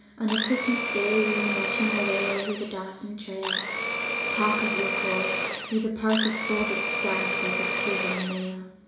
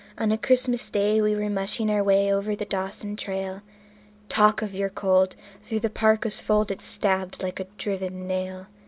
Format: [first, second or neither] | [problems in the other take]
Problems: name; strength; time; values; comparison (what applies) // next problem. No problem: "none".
second | background sound (Domestic sounds, home sounds); 1 dB above the speech // room echo; dies away in 0.7 s